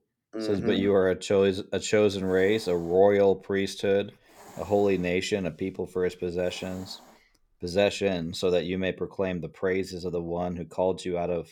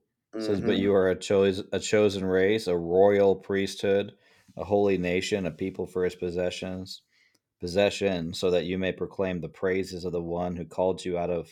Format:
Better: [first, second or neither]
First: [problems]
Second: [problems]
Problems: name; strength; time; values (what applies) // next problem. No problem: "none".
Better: second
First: hiss; faint; from 2 to 8.5 s; 25 dB below the speech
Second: none